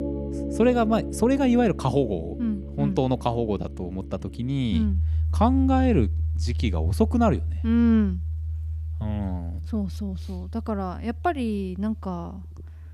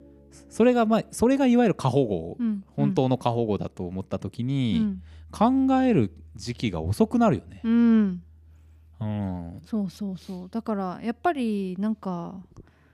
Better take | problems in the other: second | background music; loud; throughout; 6 dB below the speech; faint in the second

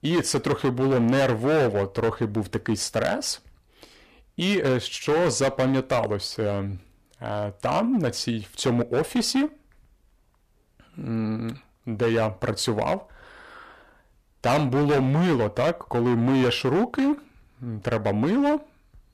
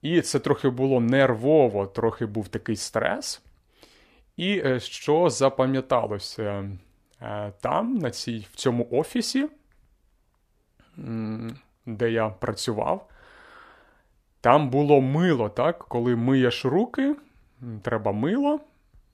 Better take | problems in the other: second | distortion; heavy; 11% of the sound clipped

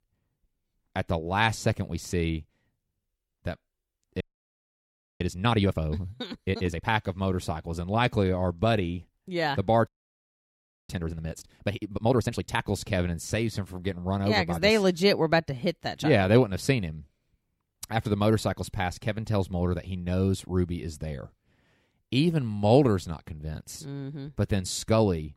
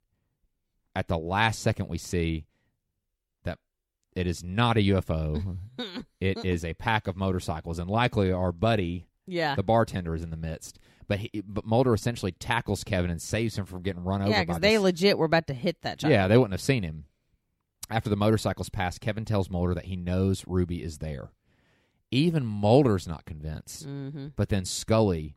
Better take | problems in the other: second | audio freezing; at 4 s for 1 s and at 10 s for 1 s

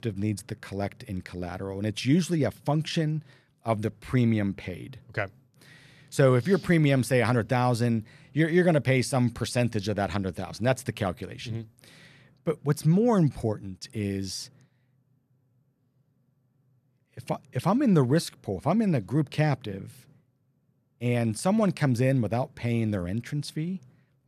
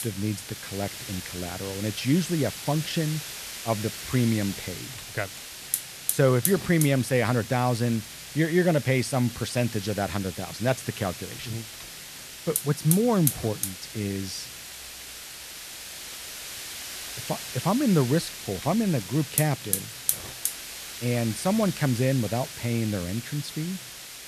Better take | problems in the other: first | hiss; loud; throughout; 7 dB below the speech

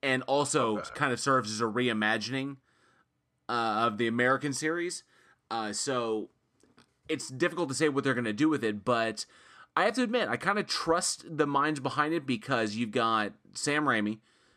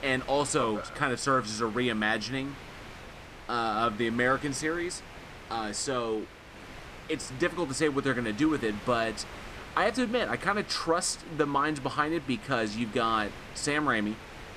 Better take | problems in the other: first | wind noise on the microphone; occasional gusts; 15 dB below the speech

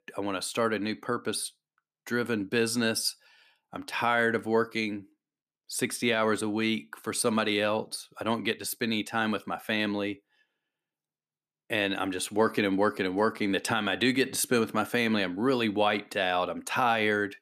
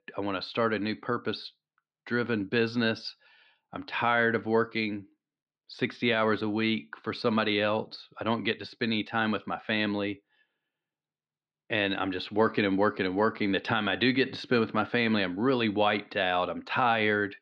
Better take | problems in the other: first | muffled; very slightly; fading above 4 kHz

